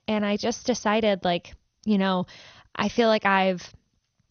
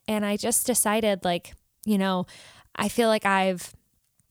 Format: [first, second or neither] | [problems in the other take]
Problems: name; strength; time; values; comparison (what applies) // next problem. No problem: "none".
second | garbled, watery; slightly; nothing above 6.5 kHz